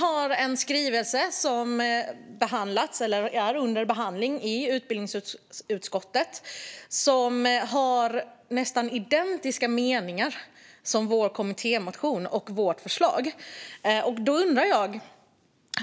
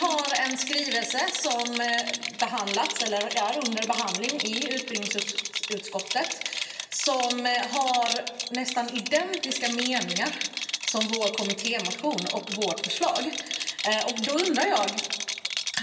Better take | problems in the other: first | background sound (Rattle); 3 dB below the speech // room echo; dies away in 1.1 s

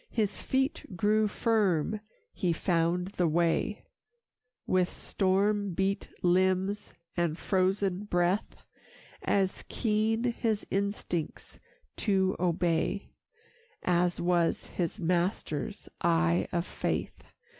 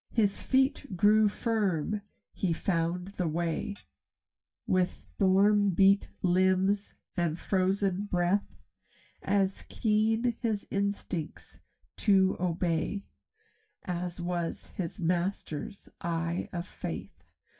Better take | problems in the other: first | noise reduction (neural mask model DeepFilterNet 3)

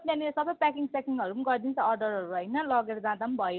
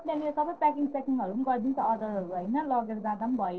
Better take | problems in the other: first | noise reduction (neural separator model SepFormer DNS4)

